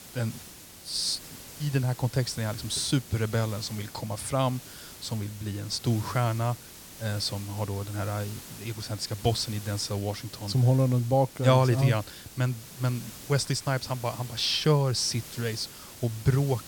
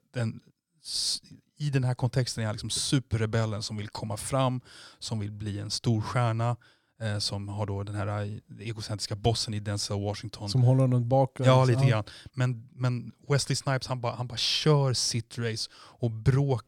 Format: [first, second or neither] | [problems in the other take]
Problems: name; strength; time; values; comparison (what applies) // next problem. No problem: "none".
second | hiss; noticeable; throughout; 15 dB below the speech